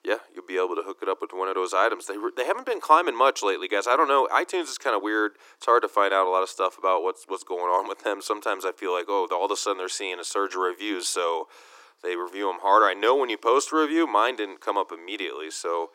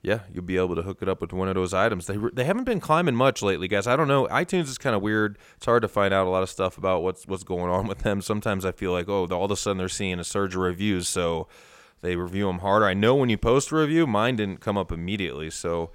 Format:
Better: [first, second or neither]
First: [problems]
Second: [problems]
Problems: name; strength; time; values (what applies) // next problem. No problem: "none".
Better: second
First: thin; very; fading below 300 Hz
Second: none